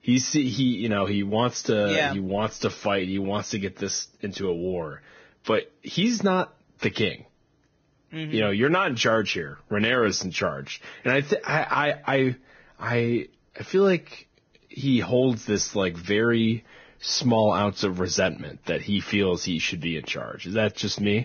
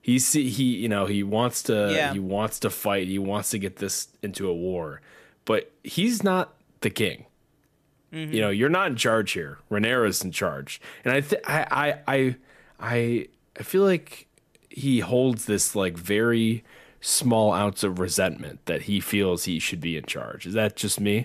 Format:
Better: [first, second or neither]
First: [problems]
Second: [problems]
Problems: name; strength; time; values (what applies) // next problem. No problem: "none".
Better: second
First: garbled, watery; badly; nothing above 6.5 kHz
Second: none